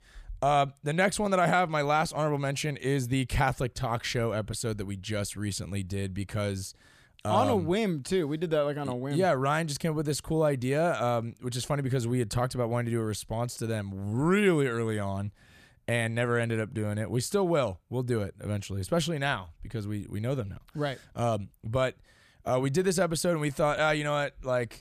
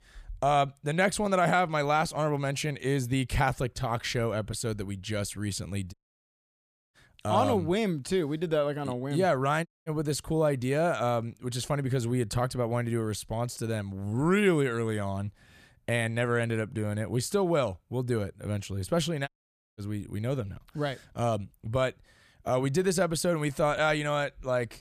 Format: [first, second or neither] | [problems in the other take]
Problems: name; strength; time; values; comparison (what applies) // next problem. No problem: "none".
first | audio cutting out; at 6 s for 1 s, at 9.5 s and at 19 s